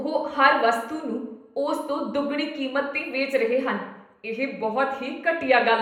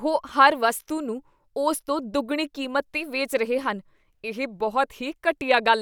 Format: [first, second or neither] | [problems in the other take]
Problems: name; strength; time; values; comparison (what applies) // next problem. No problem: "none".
second | room echo; dies away in 0.7 s